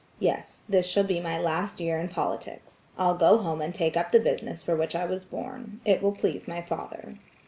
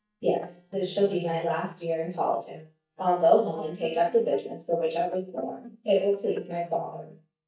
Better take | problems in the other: first | noise reduction (neural mask model DeepFilterNet 3)

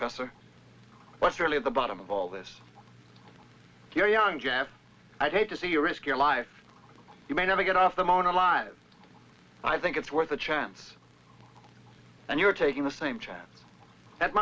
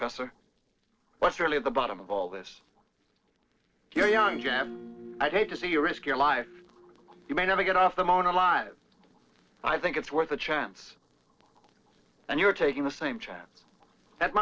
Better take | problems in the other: first | noise reduction (neural separator model SepFormer DNS4)

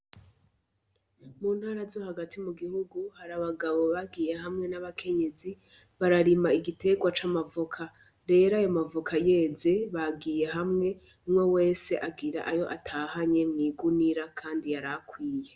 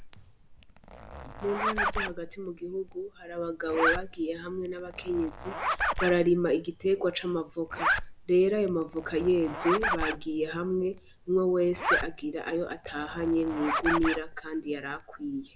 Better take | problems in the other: first | background sound (Zipper (clothing)); 5 dB below the speech

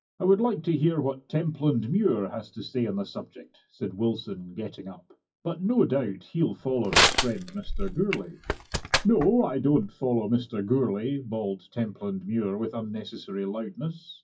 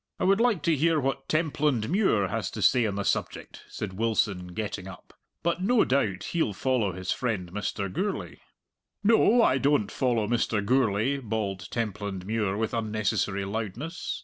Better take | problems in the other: second | noise reduction (classical method WPE with log-MMSE)

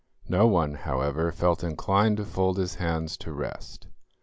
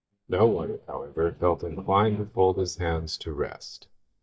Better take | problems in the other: first | noise reduction (neural mask model DeepFilterNet 3)

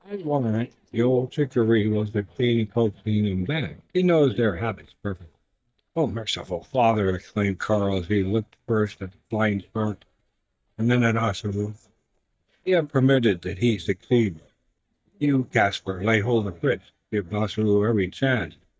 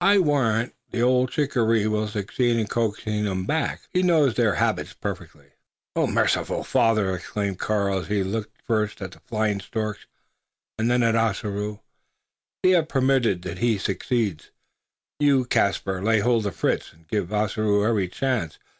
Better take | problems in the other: second | noise reduction (neural mask model DeepFilterNet 3)

